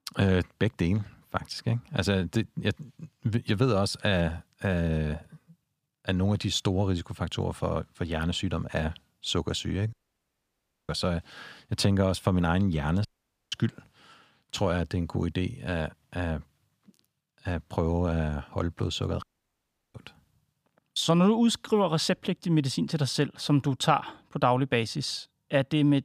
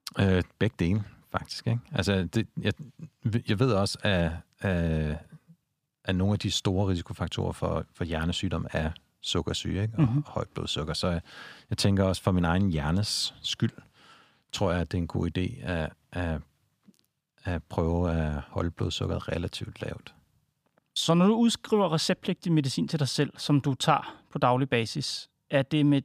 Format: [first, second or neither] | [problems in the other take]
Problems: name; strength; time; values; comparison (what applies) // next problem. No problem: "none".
second | audio cutting out; at 10 s for 1 s, at 13 s and at 19 s for 0.5 s